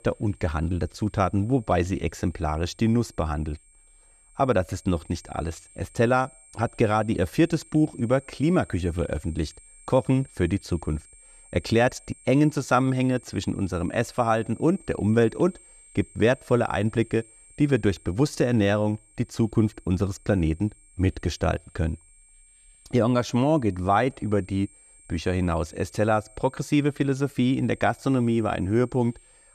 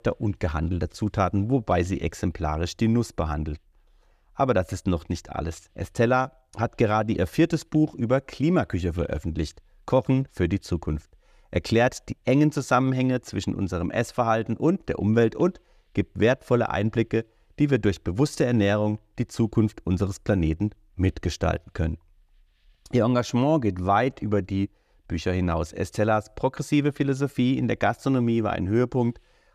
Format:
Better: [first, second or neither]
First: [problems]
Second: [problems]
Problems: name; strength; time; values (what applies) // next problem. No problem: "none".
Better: second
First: high-pitched whine; faint; throughout; 8.5 kHz, 25 dB below the speech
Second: none